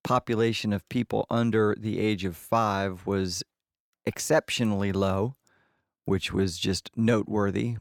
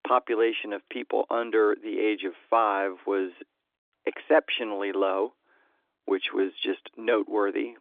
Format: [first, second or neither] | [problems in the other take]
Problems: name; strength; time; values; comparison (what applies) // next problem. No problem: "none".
first | phone-call audio; nothing above 3.5 kHz